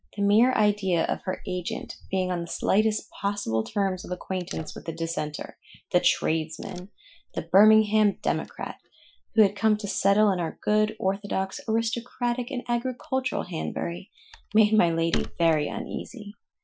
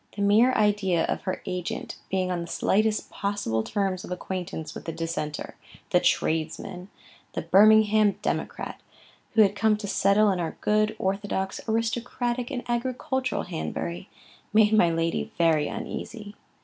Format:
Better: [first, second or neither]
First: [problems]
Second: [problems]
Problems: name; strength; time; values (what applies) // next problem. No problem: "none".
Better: second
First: noise reduction (classical method Wiener filter)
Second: none